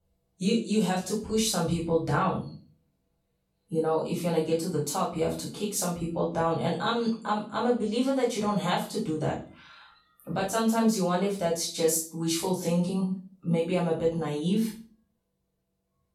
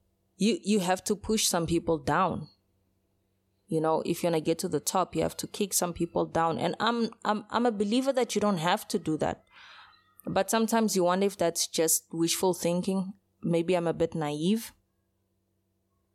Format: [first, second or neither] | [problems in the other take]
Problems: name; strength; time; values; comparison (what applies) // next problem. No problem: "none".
second | off-mic speech; far // room echo; noticeable; dies away in 0.4 s